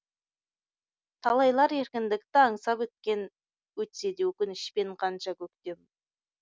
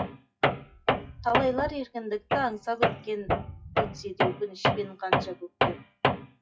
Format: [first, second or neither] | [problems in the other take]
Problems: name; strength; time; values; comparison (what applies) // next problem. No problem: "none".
first | noise reduction (classical method WPE with log-MMSE)